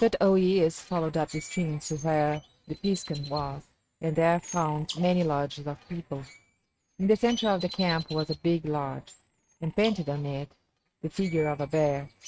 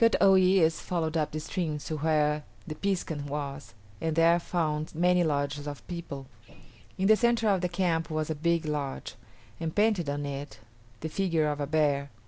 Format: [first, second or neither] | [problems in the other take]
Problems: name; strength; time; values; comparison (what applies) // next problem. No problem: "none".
second | noise reduction (neural mask model RNNoise)